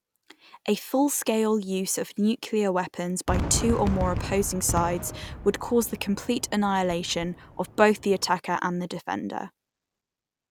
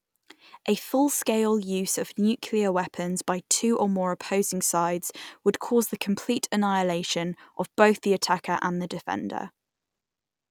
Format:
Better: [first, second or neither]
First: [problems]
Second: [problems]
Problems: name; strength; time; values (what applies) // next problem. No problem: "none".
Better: second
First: background sound (Fireworks); 10 dB below the speech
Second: none